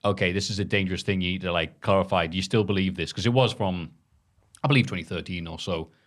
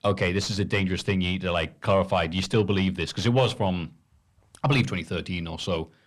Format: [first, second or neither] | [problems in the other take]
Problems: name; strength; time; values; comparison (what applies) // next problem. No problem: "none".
first | distortion; slight; 10 dB below the speech